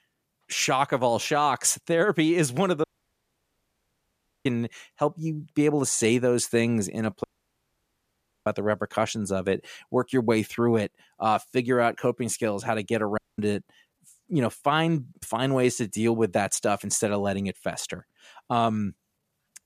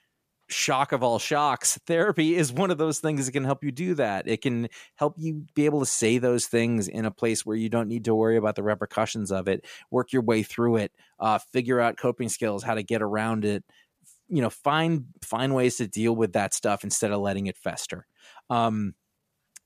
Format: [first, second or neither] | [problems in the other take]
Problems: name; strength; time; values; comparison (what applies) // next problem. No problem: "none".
second | audio cutting out; at 3 s for 1.5 s, at 7 s for 1 s and at 13 s